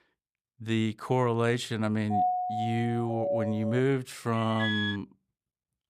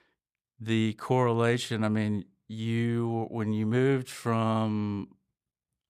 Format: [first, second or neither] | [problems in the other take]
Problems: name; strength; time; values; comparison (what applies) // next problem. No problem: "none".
second | doorbell; loud; from 2 to 4 s; peak 2 dB above the speech // alarm; noticeable; at 4.5 s; peak 1 dB below the speech